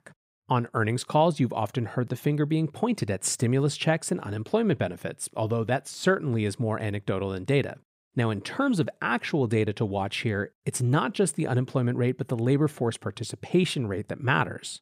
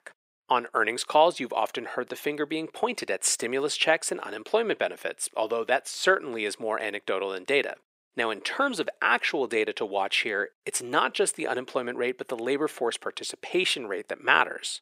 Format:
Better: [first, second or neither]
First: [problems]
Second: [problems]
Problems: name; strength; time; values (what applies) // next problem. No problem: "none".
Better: first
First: none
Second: thin; very; fading below 400 Hz